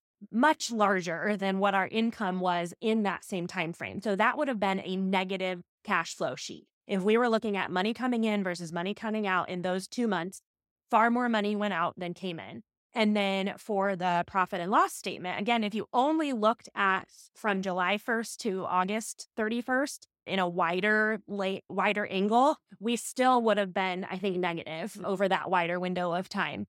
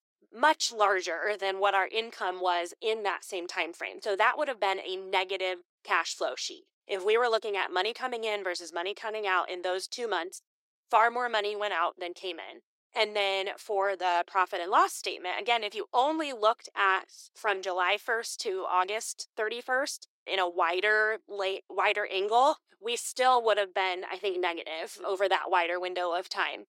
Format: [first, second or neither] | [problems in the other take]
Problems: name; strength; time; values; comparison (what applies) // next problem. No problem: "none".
first | thin; very; fading below 350 Hz